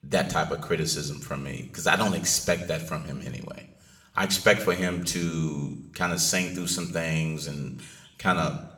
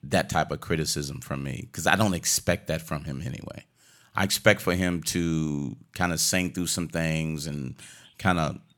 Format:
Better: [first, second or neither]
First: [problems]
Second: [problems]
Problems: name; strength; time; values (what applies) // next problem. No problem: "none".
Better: second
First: room echo; very slight; dies away in 0.6 s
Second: none